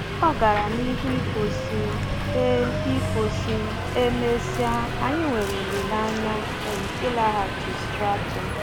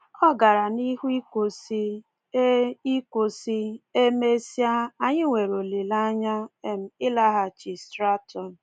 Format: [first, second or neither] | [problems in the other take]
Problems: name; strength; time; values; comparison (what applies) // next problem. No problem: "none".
second | background sound (Subway, metro, underground + Truck); 1 dB below the speech